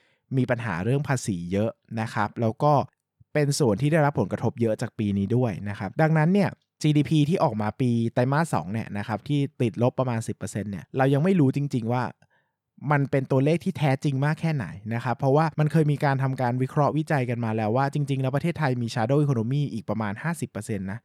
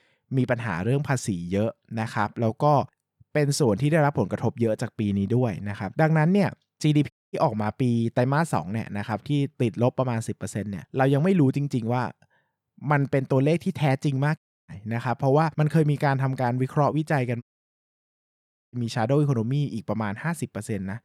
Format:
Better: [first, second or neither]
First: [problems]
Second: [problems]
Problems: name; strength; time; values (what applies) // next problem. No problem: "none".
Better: first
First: none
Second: audio cutting out; at 7 s, at 14 s and at 17 s for 1.5 s